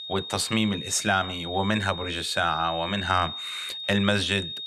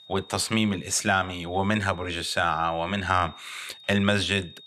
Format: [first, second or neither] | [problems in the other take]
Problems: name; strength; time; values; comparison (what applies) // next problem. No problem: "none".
second | high-pitched whine; loud; throughout; 3.5 kHz, 8 dB below the speech; faint in the second